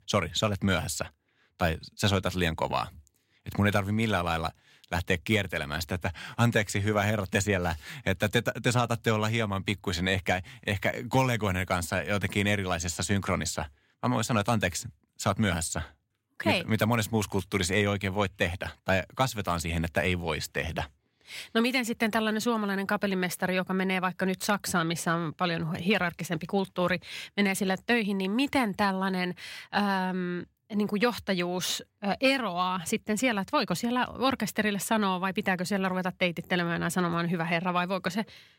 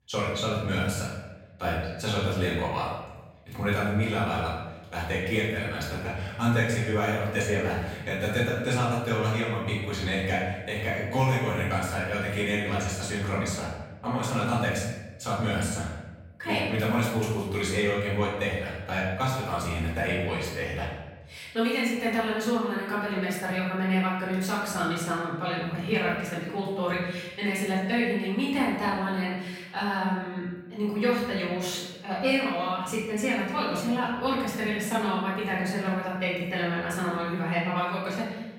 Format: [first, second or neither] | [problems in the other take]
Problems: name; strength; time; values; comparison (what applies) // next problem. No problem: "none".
first | room echo; noticeable; dies away in 1 s // off-mic speech; far